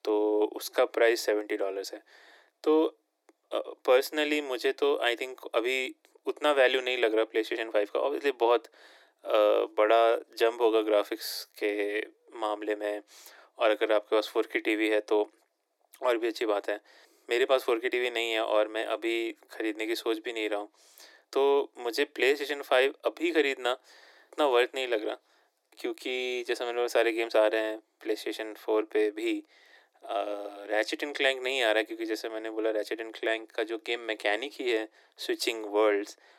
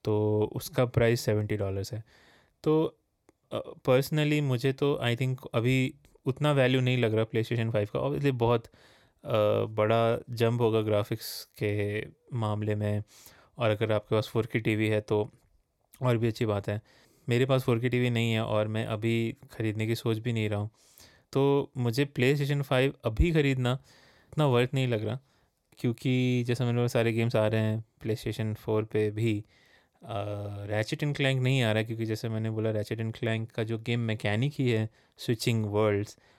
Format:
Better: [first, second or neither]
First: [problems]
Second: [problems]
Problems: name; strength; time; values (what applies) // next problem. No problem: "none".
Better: second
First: thin; very; fading below 300 Hz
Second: none